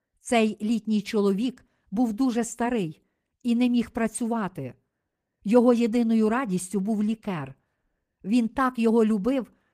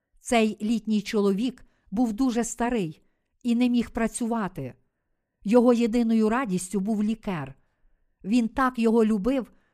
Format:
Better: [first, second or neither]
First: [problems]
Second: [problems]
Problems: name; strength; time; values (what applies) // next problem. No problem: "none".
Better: second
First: garbled, watery; slightly; nothing above 15 kHz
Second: none